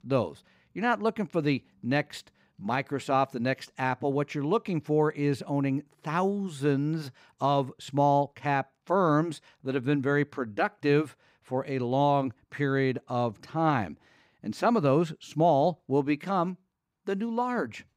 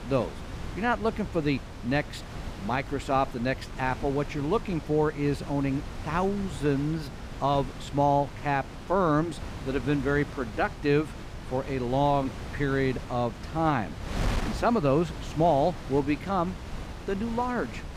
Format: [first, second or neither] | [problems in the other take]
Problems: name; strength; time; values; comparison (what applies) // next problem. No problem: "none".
first | wind noise on the microphone; occasional gusts; 15 dB below the speech